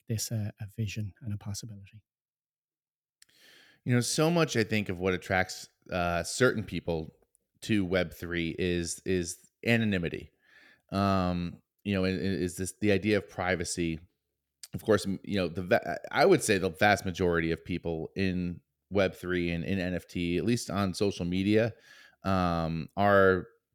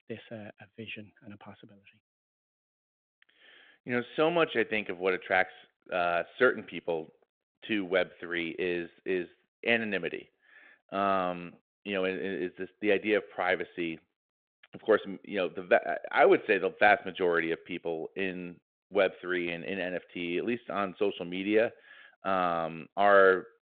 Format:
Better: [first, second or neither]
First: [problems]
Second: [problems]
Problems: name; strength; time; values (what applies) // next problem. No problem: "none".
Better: first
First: none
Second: phone-call audio; nothing above 3.5 kHz